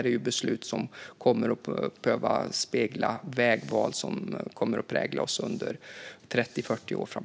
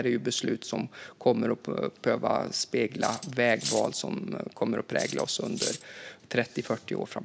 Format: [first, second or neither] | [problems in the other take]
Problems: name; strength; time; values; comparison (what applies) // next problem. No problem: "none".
first | background sound (Cutlery, silverware); 9 dB below the speech